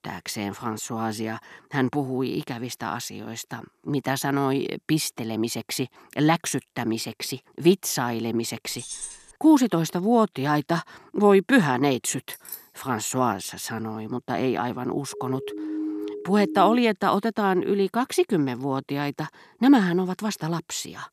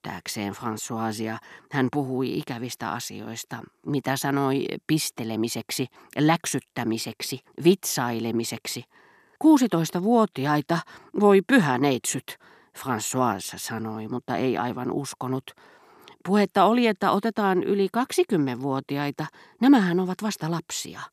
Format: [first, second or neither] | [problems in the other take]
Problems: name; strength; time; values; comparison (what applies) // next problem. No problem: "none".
second | jangling keys; noticeable; at 9 s; peak 9 dB below the speech // jangling keys; faint; at 12 s; peak 15 dB below the speech // siren; noticeable; from 15 to 17 s; peak 5 dB below the speech